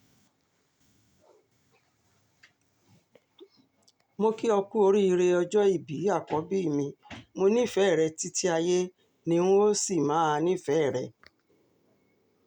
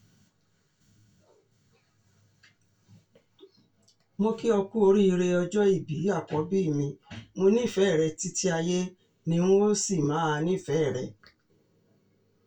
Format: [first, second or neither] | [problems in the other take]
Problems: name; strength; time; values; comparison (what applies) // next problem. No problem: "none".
first | room echo; dies away in 0.1 s